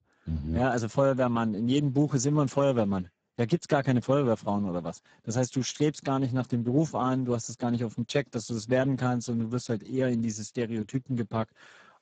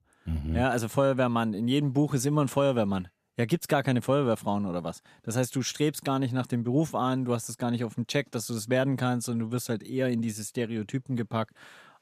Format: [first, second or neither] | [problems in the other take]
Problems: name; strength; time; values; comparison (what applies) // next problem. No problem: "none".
second | garbled, watery; badly; nothing above 7.5 kHz